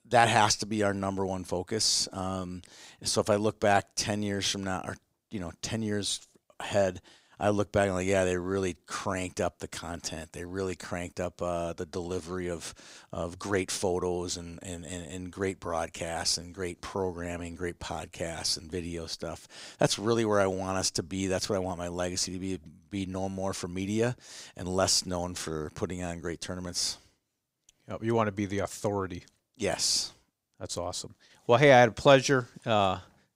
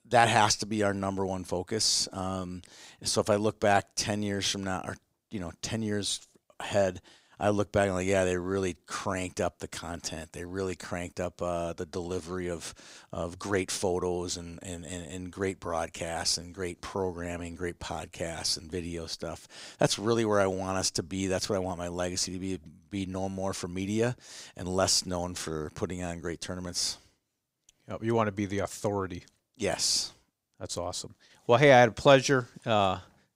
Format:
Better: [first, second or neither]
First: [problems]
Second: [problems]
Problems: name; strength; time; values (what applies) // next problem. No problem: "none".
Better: neither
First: none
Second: none